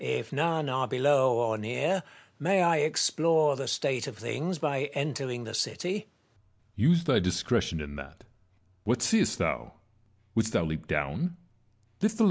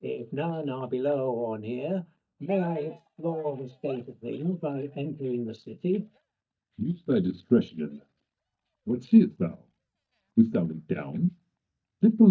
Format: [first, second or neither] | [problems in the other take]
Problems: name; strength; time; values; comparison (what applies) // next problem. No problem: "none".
first | noise reduction (neural mask model DeepFilterNet 3)